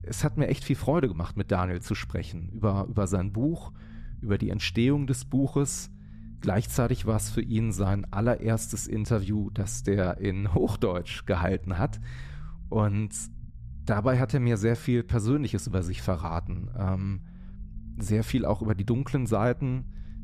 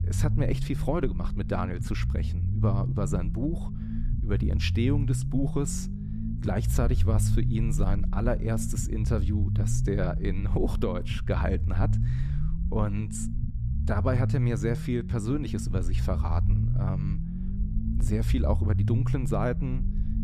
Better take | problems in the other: first | low rumble; loud; throughout; 8 dB below the speech; faint in the first

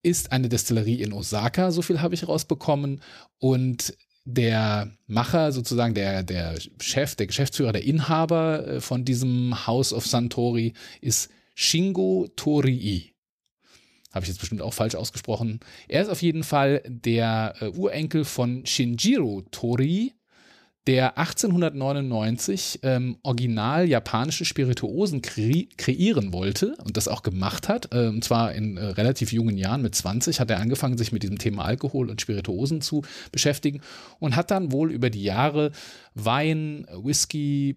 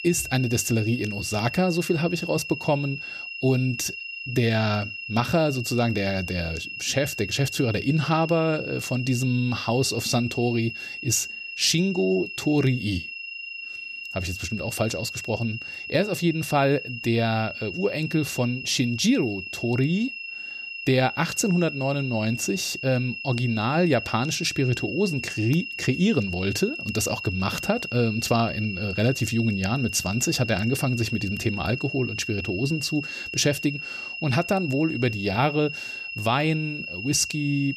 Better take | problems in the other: first | high-pitched whine; loud; throughout; 3 kHz, 7 dB below the speech

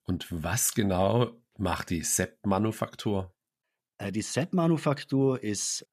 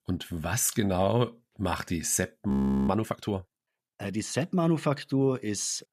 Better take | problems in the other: first | audio freezing; at 2.5 s

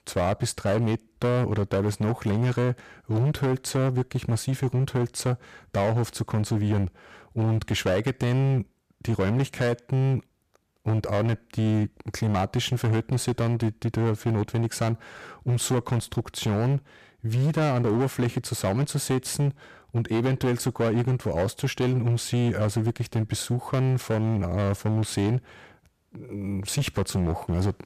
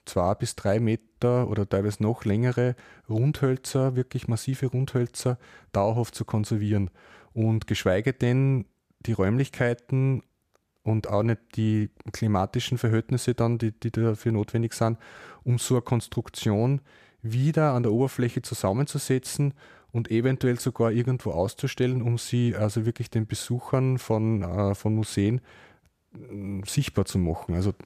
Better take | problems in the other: second | distortion; slight; 16% of the sound clipped

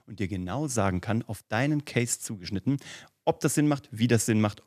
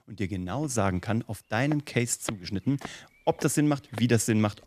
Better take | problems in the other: first | footsteps; faint; from 0.5 to 4 s; peak 10 dB below the speech

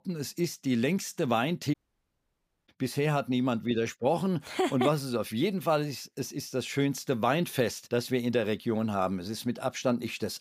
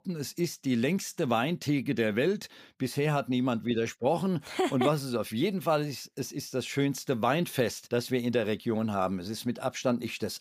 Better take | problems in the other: second | audio cutting out; at 1.5 s for 1 s

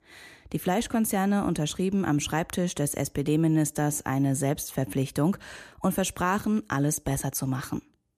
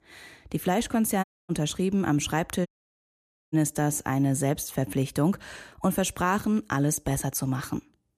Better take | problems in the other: first | audio cutting out; at 1 s and at 2.5 s for 1 s

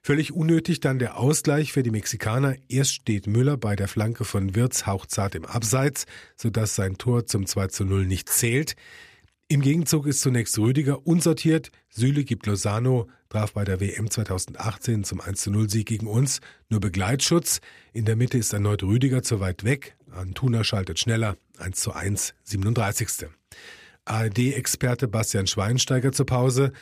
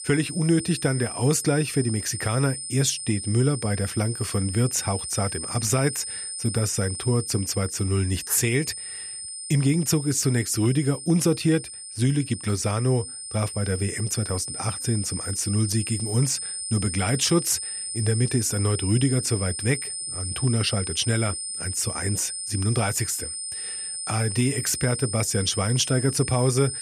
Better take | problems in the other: first | high-pitched whine; loud; throughout; 9 kHz, 6 dB below the speech

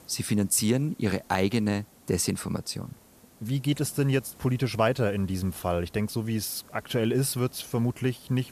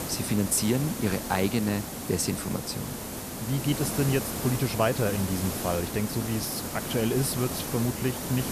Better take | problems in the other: first | hiss; loud; throughout; 5 dB below the speech; faint in the first

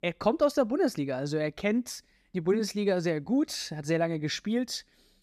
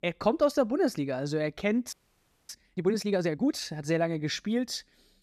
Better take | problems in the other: first | audio freezing; at 2 s for 0.5 s

